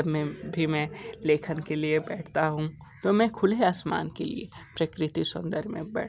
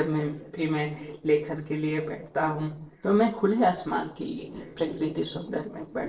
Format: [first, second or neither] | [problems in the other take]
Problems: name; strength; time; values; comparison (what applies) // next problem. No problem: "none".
first | noise reduction (neural separator model SepFormer DNS4)